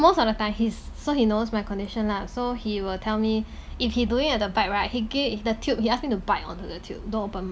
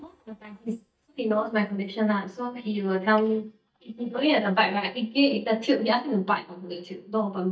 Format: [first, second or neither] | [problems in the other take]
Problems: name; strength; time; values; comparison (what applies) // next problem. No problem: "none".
first | noise reduction (neural mask model DeepFilterNet 3)